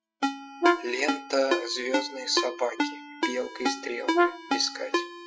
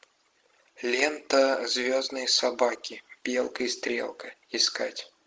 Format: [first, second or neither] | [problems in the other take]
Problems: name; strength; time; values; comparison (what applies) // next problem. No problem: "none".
second | noise reduction (classical method Wiener filter)